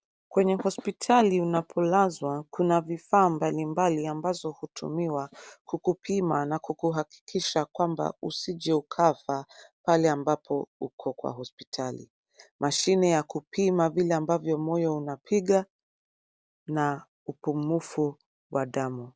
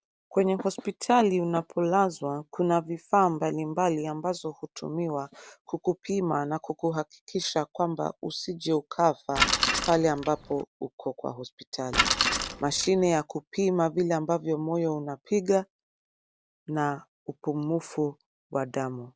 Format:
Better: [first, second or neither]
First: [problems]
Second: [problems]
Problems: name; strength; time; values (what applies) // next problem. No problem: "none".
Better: first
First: none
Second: background sound (Bicycle); as loud as the speech